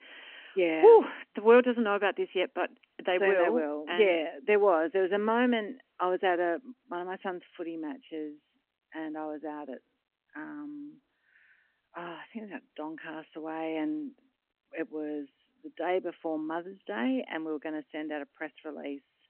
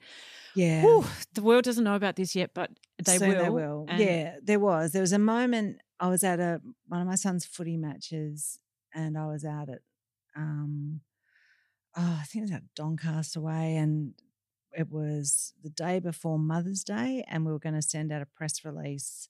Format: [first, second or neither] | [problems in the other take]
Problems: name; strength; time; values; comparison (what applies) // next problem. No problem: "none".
second | phone-call audio